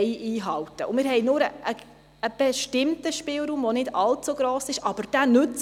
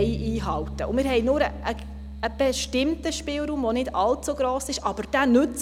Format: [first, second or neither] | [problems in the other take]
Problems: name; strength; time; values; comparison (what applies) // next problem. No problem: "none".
first | background sound (Bass guitar); 11 dB below the speech